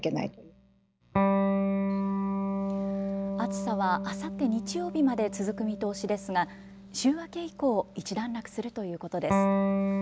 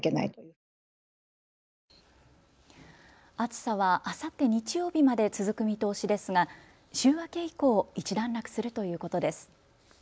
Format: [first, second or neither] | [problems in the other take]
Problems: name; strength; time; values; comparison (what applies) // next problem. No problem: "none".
second | background sound (Electric guitar); 1 dB above the speech